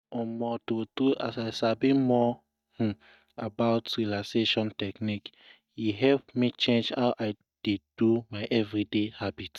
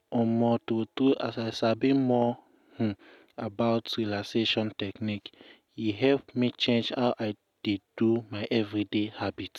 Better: second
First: noise reduction (neural mask model DeepFilterNet 3)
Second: none

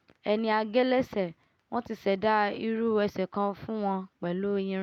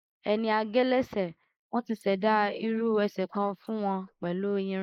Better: first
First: none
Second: noise reduction (neural mask model Resemble Enhance denoiser)

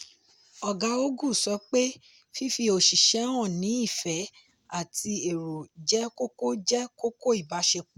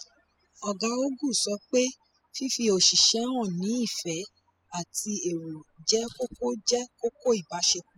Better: first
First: none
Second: noise reduction (classical method spectral subtraction)

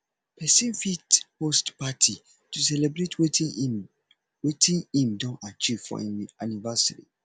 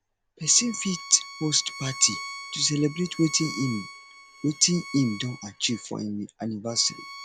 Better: first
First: none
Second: background sound (Bowed string instrument); 14 dB below the speech

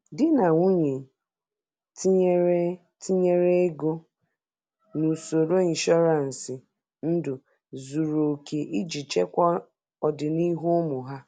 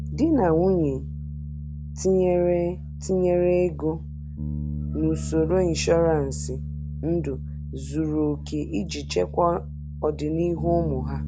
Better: first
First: none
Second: background sound (Bass guitar); 7 dB below the speech

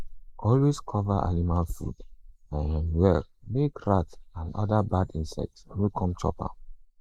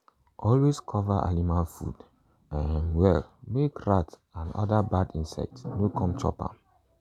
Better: second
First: noise reduction (neural mask model Resemble Enhance denoiser)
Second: none

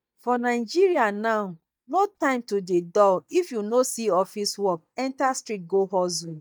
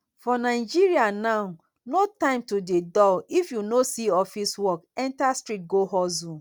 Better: second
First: noise reduction (neural mask model DeepFilterNet 3)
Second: none

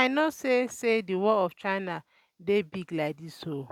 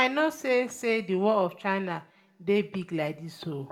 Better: first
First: none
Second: room echo; dies away in 0.7 s

